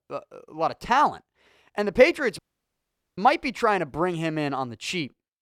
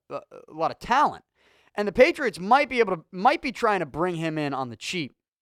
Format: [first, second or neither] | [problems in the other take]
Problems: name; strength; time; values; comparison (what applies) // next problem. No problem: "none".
second | audio cutting out; at 2.5 s for 1 s